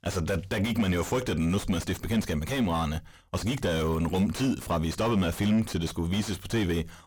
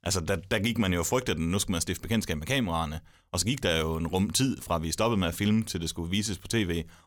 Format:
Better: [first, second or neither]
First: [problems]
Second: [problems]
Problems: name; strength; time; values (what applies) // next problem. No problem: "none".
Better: second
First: distortion; heavy; 5 dB below the speech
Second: none